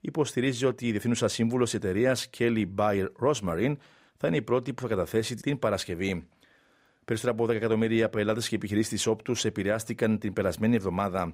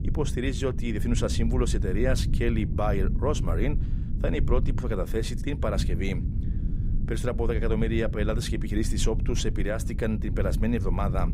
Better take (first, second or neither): first